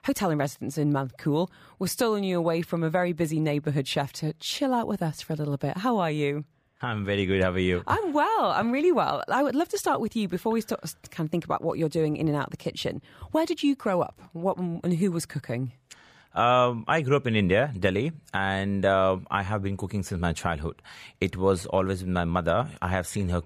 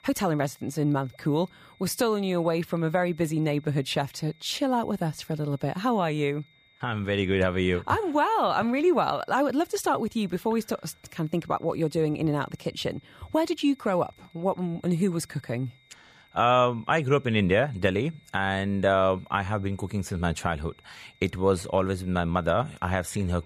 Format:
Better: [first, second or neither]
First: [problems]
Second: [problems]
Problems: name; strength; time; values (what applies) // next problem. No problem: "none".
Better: first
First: none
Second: high-pitched whine; faint; throughout; 2 kHz, 30 dB below the speech